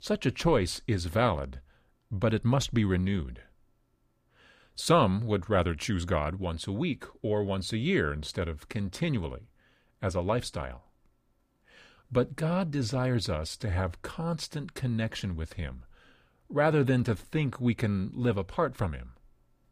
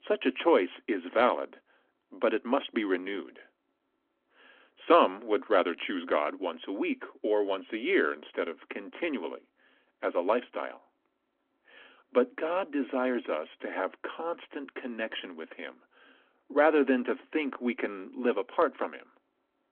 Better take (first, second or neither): first